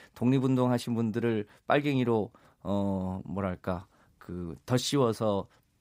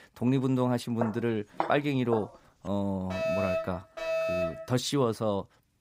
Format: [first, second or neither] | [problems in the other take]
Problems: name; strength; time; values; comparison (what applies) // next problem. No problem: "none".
first | footsteps; noticeable; from 1 to 2 s; peak 5 dB below the speech // alarm; loud; from 3 to 4.5 s; peak 1 dB above the speech